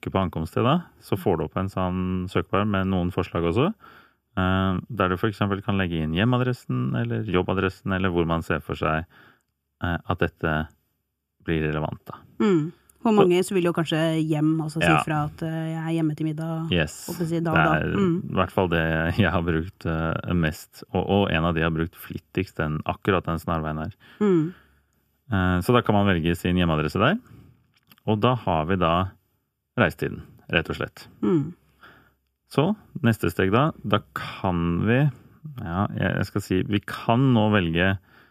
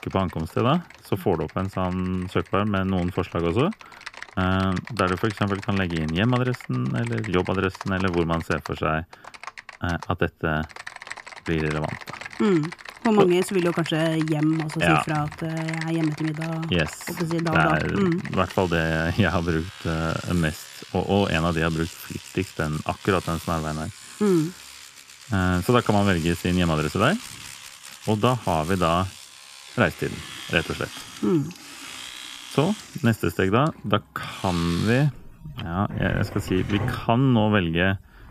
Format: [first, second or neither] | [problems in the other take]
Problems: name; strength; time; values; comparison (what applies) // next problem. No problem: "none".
first | household noises; noticeable; throughout; 15 dB below the speech